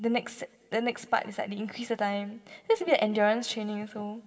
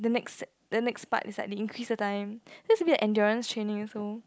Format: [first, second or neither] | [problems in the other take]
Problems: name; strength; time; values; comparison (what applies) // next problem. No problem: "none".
second | room echo; dies away in 0.8 s